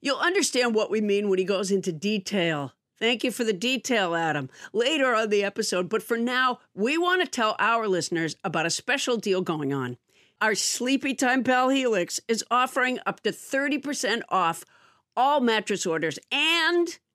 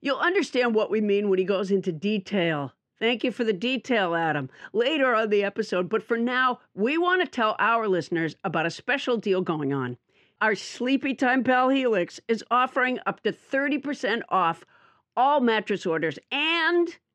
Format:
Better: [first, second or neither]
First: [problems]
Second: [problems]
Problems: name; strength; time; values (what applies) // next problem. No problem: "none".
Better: first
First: none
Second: muffled; slightly; fading above 3 kHz